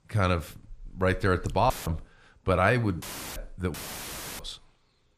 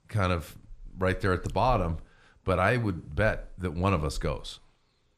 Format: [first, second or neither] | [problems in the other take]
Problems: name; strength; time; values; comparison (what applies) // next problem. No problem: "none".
second | audio cutting out; filled with static; at 1.5 s, at 3 s and at 3.5 s for 0.5 s